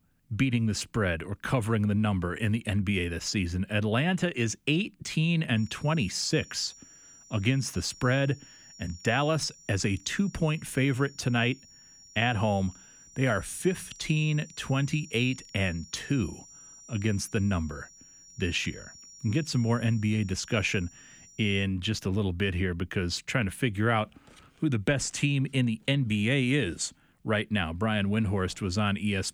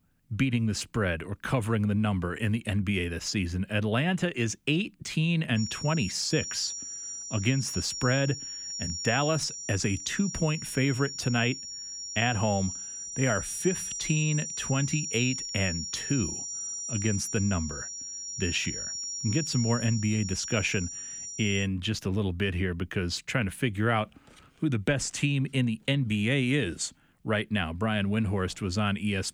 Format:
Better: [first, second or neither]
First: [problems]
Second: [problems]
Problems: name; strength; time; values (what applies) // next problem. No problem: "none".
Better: first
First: high-pitched whine; faint; from 5.5 to 22 s; 5.5 kHz, 20 dB below the speech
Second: high-pitched whine; loud; from 5.5 to 22 s; 5.5 kHz, 6 dB below the speech